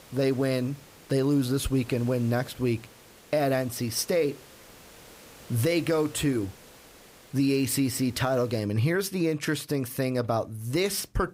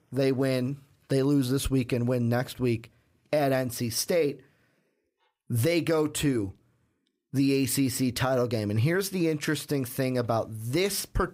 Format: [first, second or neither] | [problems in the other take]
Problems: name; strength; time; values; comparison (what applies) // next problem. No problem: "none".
second | hiss; faint; until 8.5 s; 20 dB below the speech